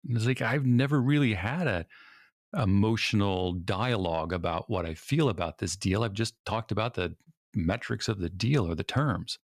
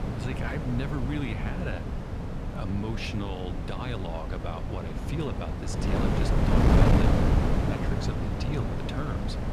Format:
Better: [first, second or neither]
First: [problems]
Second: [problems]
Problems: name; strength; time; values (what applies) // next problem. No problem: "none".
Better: first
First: none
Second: wind noise on the microphone; heavy; 4 dB above the speech